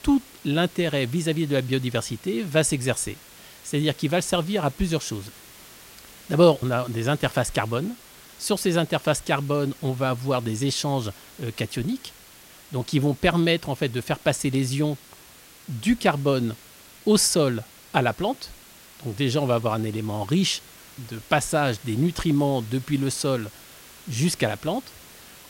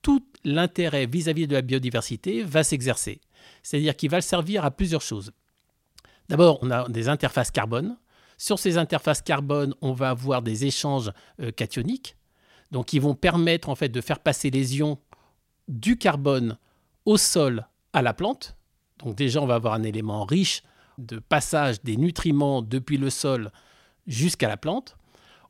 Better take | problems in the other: second | hiss; faint; throughout; 20 dB below the speech

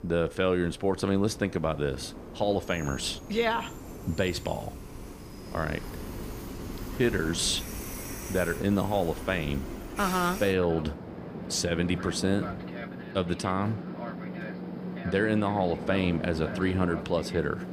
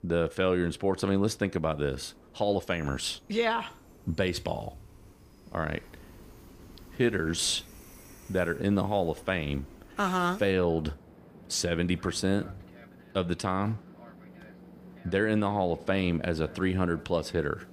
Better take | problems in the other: second | train or aircraft noise; loud; throughout; 10 dB below the speech; faint in the second

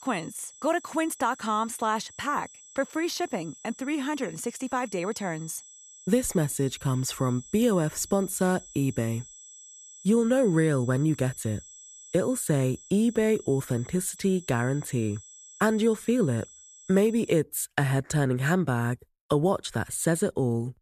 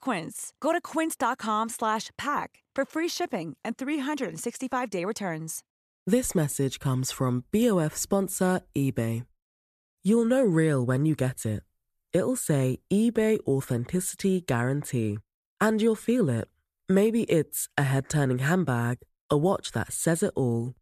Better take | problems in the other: second | high-pitched whine; noticeable; until 17 s; 7.5 kHz, 20 dB below the speech

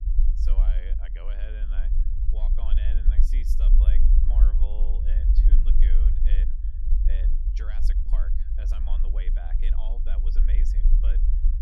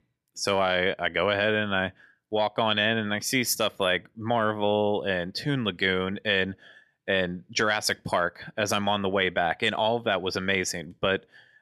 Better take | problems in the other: second | low rumble; loud; throughout; 1 dB below the speech

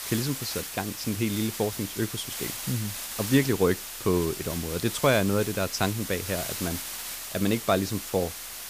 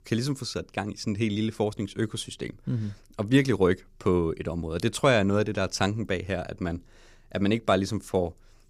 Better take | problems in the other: second | hiss; loud; throughout; 6 dB below the speech

